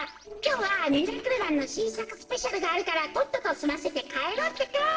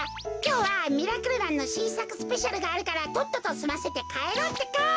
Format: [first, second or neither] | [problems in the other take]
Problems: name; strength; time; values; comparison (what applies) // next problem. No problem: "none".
second | noise reduction (neural separator model SepFormer DNS4)